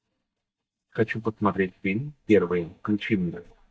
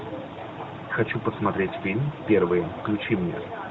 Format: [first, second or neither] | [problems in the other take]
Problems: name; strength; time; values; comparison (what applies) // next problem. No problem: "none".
second | noise reduction (neural mask model DeepFilterNet 3)